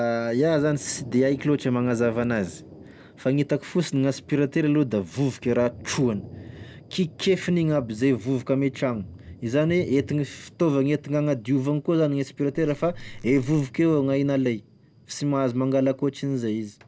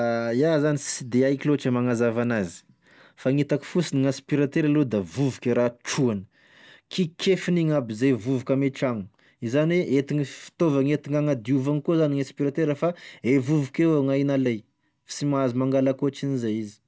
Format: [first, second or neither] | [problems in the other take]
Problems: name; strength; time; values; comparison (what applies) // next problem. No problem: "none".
second | background sound (Squeak / Tools + Thunder); 20 dB below the speech